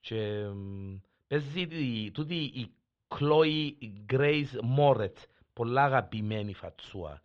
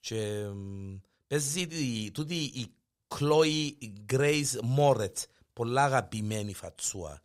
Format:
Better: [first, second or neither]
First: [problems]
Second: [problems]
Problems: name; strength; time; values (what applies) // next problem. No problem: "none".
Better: second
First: muffled; very; fading above 3.5 kHz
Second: none